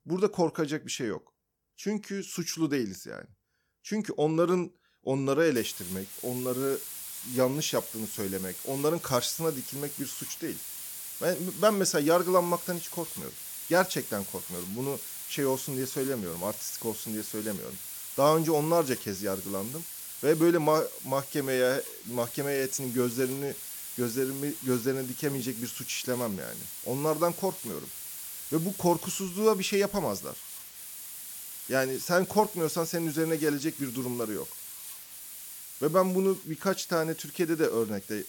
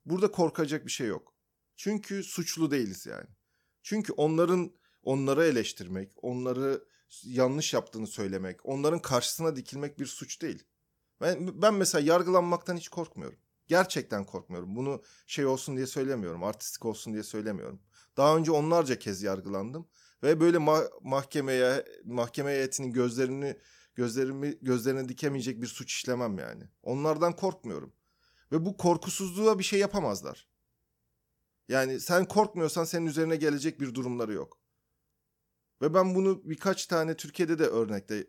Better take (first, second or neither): second